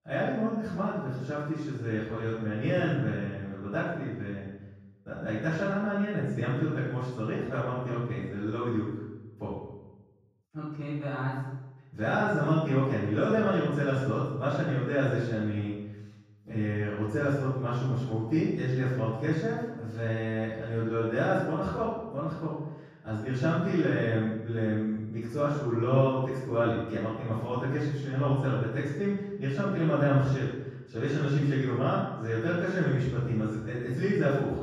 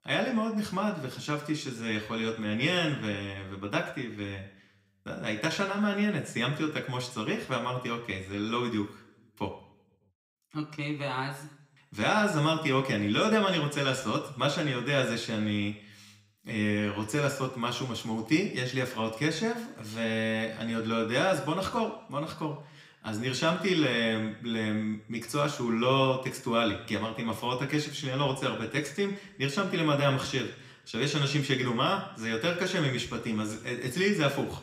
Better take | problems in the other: second | room echo; strong; dies away in 1.3 s; slight in the second // off-mic speech; far

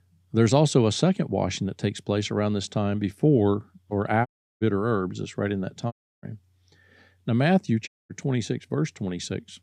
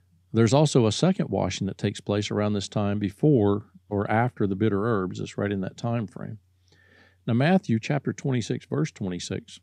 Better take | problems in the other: second | audio cutting out; at 4.5 s, at 6 s and at 8 s

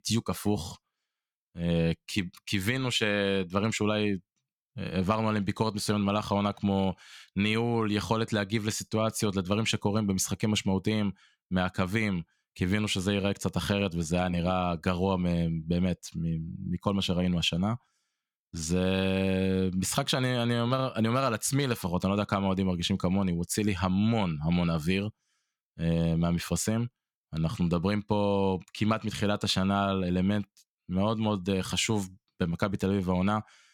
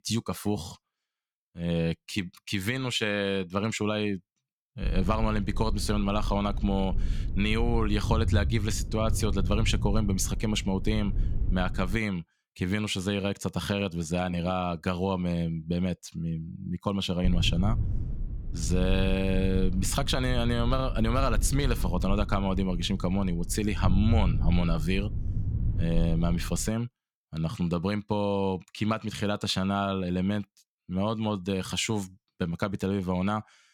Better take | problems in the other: first | low rumble; noticeable; from 5 to 12 s and from 17 to 27 s; 15 dB below the speech

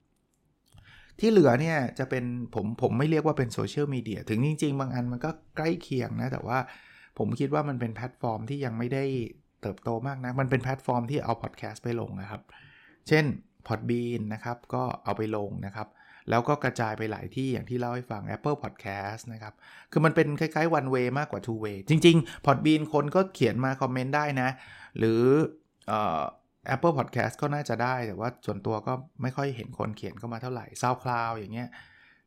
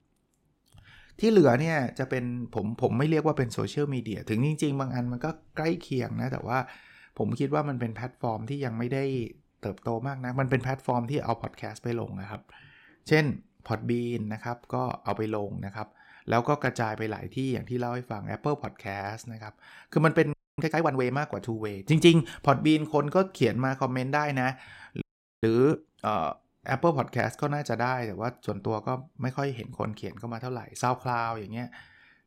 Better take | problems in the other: first | audio freezing; at 20 s and at 25 s

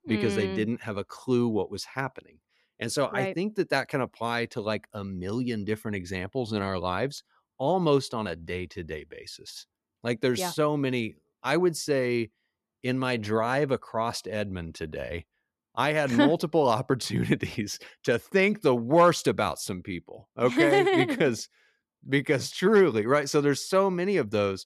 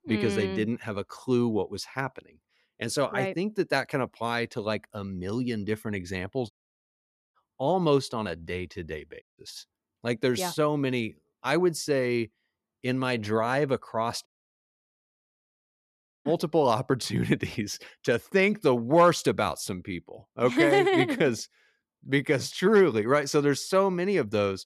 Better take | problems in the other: first | audio cutting out; at 6.5 s for 1 s, at 9 s and at 14 s for 2 s

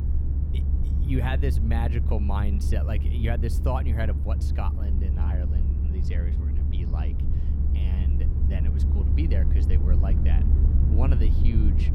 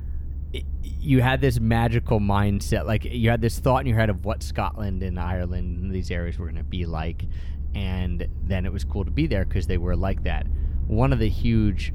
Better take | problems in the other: second | low rumble; loud; throughout; 4 dB below the speech; faint in the second

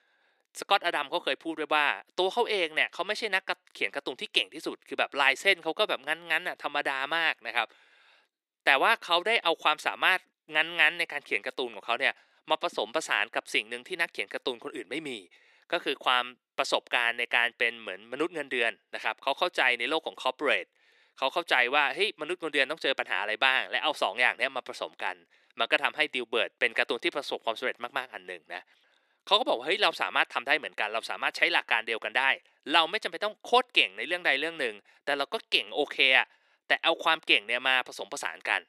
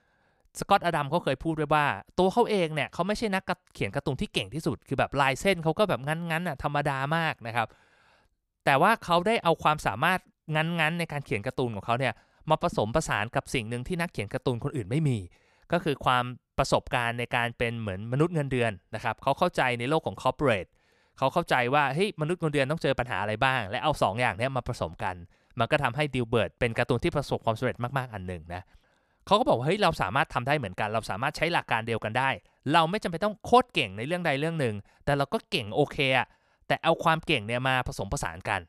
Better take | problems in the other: second | thin; somewhat; fading below 350 Hz

